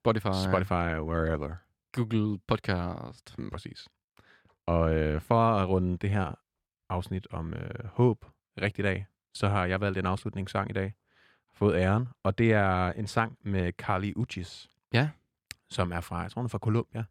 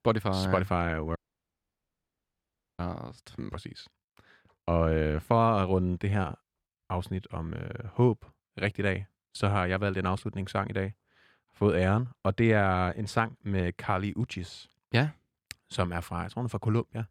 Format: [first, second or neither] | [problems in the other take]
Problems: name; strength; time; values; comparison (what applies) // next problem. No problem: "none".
first | audio cutting out; at 1 s for 1.5 s